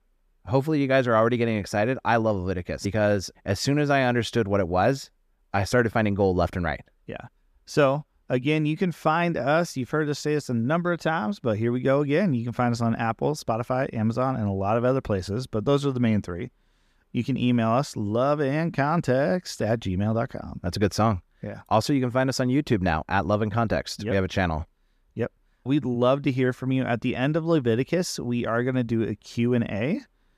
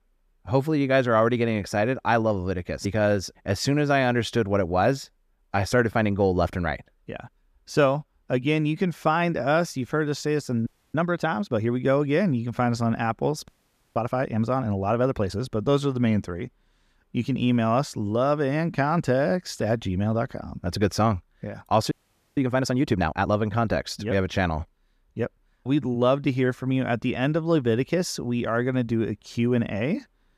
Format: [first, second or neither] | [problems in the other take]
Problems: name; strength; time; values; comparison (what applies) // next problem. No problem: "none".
first | audio freezing; at 11 s, at 13 s and at 22 s